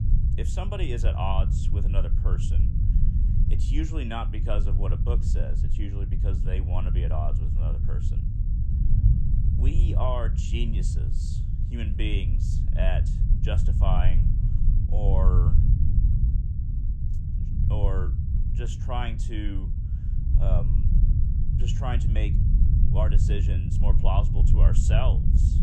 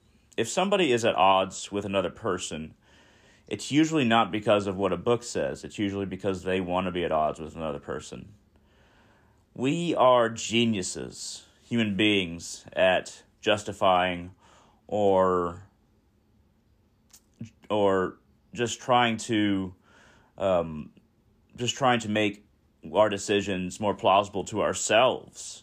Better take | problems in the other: second | low rumble; loud; throughout; 5 dB below the speech

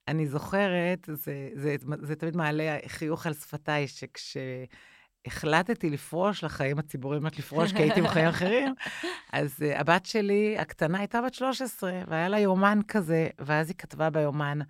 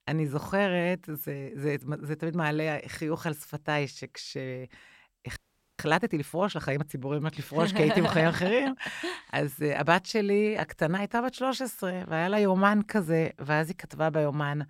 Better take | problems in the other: first | audio freezing; at 5.5 s

